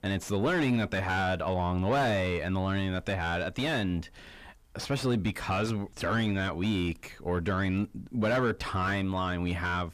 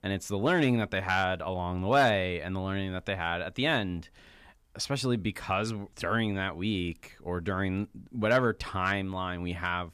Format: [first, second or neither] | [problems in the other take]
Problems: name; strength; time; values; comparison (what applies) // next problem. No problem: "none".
second | distortion; heavy; 7 dB below the speech